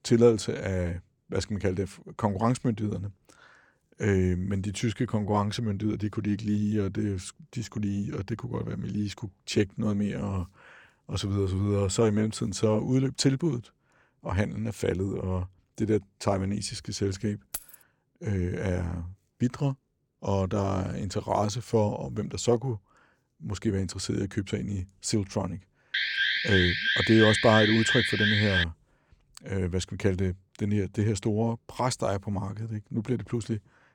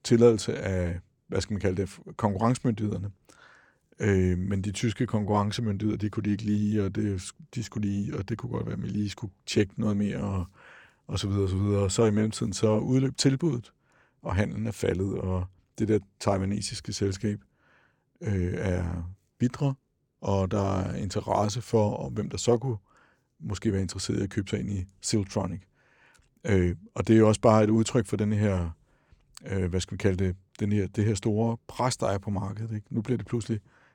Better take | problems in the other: second | jangling keys; noticeable; at 18 s; peak 9 dB below the speech // alarm; loud; from 26 to 29 s; peak 4 dB above the speech

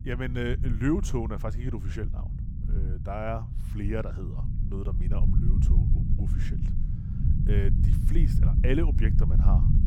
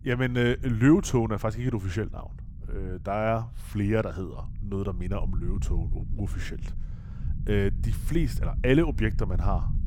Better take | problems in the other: second | low rumble; loud; throughout; 7 dB below the speech; faint in the second

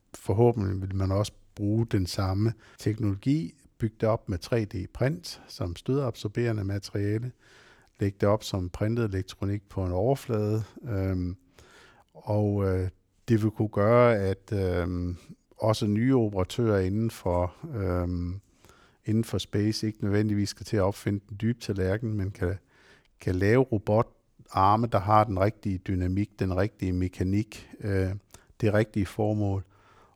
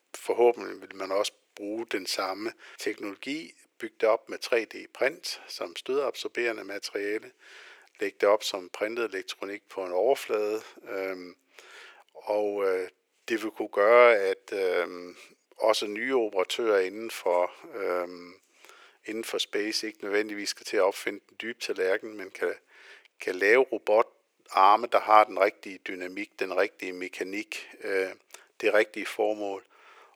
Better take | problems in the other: first | thin; very; fading below 400 Hz

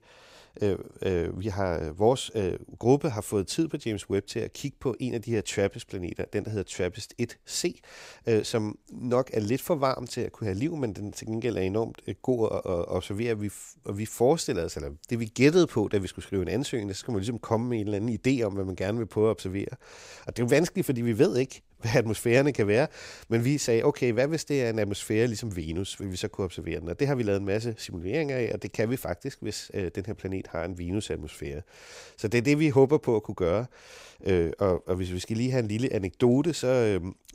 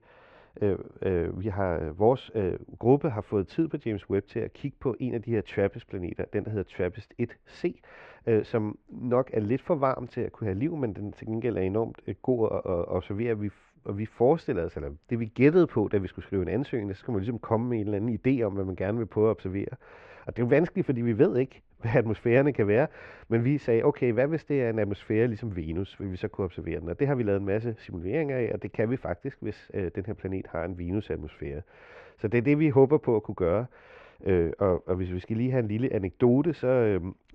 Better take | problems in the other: first | muffled; very; fading above 2 kHz

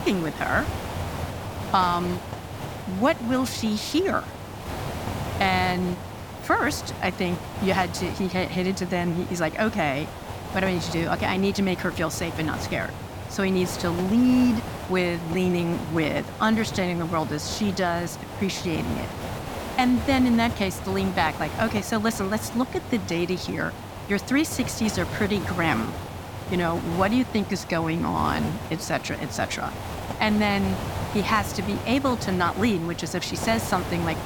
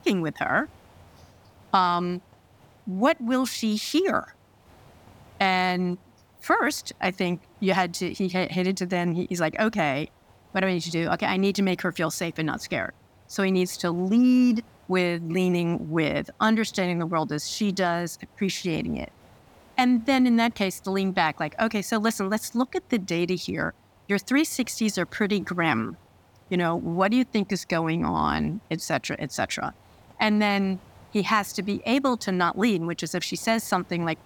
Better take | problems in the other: second | hiss; loud; throughout; 8 dB below the speech; faint in the second

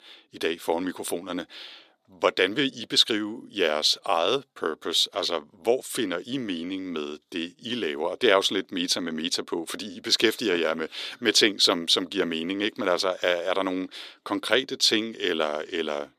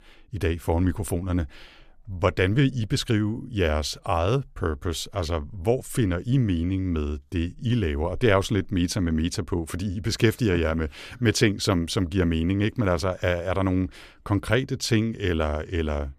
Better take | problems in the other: second | thin; somewhat; fading below 300 Hz

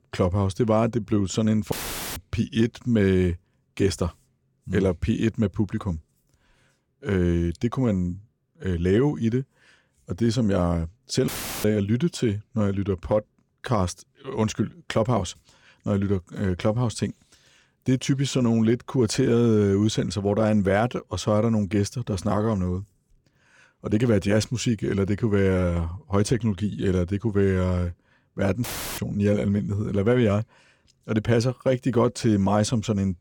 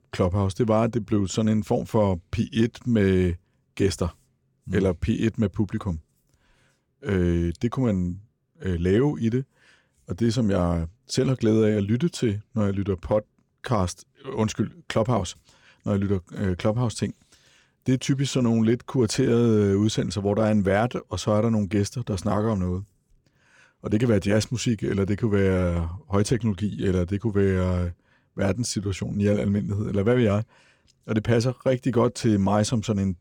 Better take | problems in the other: second | audio cutting out; filled with static; at 1.5 s, at 11 s and at 29 s

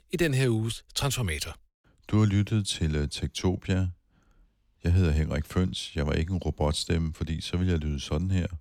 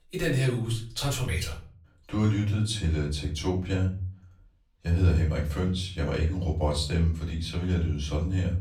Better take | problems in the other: first | off-mic speech; far // room echo; slight; dies away in 0.4 s

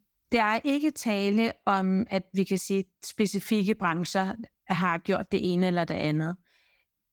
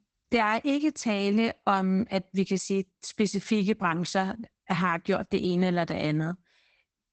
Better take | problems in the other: first | garbled, watery; badly; nothing above 8 kHz; slightly in the first

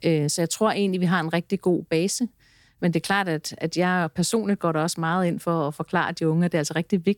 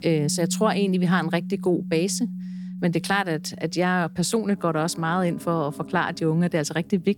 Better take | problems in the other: first | background music; noticeable; throughout; 10 dB below the speech

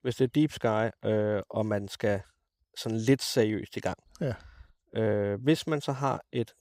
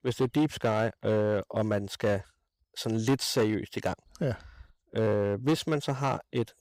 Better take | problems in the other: first | distortion; slight; 5% of the sound clipped

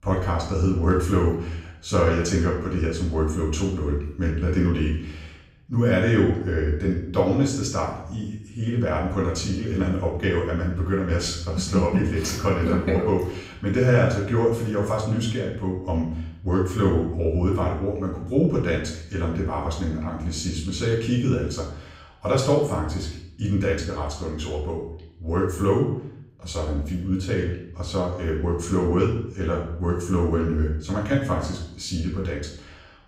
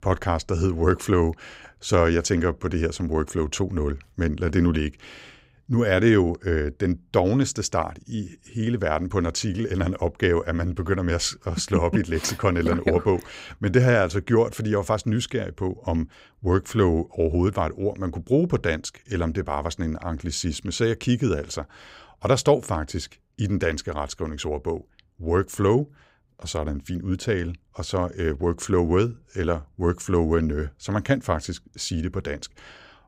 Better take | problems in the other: second | off-mic speech; far // room echo; noticeable; dies away in 0.6 s

